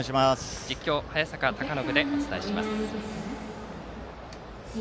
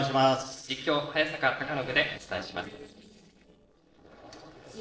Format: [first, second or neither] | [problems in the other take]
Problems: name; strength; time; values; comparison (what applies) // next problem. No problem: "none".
first | noise reduction (neural separator model SepFormer DNS4)